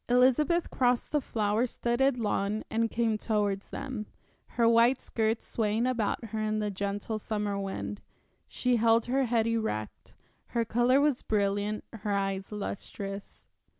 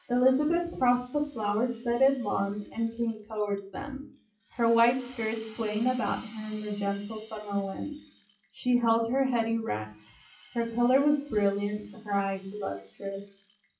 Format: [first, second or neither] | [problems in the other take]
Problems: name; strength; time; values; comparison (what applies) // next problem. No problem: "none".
first | noise reduction (classical method WPE with log-MMSE)